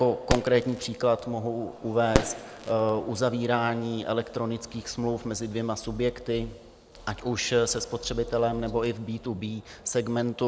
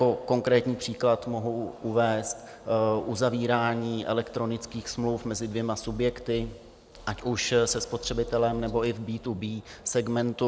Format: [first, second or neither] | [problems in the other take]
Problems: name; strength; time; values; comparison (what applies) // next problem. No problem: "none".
second | background sound (Fireworks); 5 dB below the speech